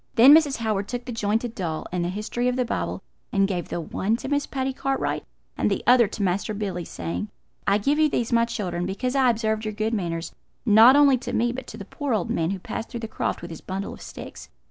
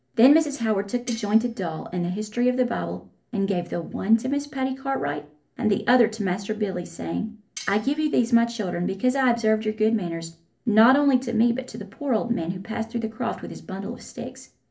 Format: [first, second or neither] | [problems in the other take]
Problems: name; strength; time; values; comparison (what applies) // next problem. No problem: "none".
first | background sound (Cutlery, silverware); 19 dB below the speech // room echo; dies away in 0.3 s